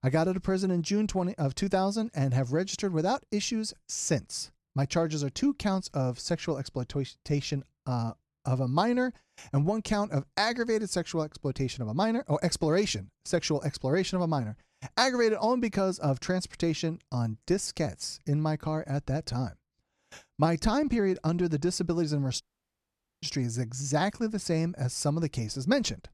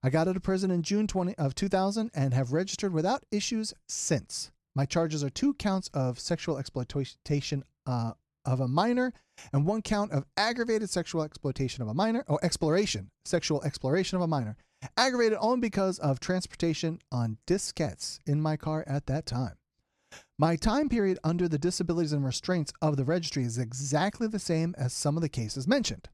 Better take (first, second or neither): second